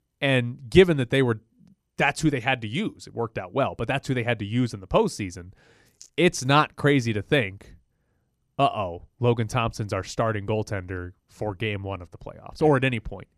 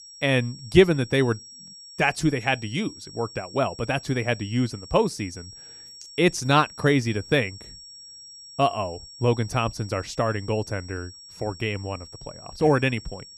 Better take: first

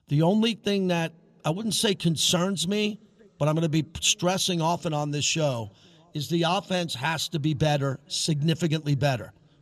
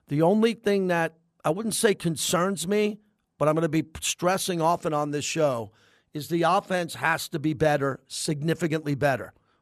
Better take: second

